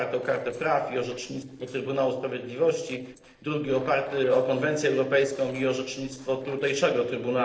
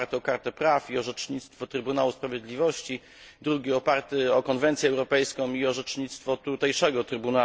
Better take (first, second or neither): second